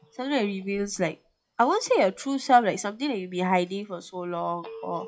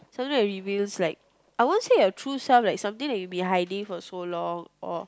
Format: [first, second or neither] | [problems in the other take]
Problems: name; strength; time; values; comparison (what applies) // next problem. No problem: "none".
second | noise reduction (classical method WPE with log-MMSE)